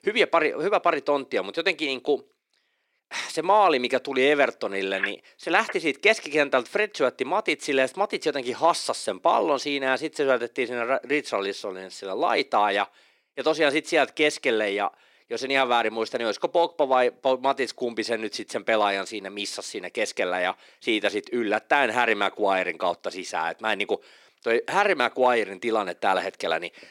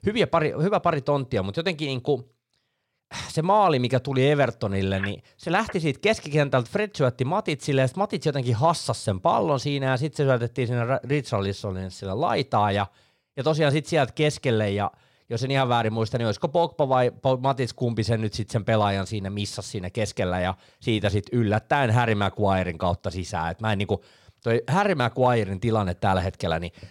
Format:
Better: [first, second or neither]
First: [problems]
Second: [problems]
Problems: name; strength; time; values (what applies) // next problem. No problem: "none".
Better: second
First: thin; somewhat; fading below 300 Hz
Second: none